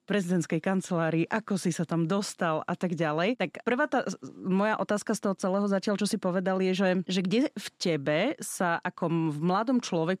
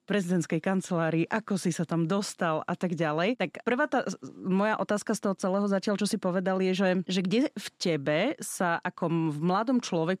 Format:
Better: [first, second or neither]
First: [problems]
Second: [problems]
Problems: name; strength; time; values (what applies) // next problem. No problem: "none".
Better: neither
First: none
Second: none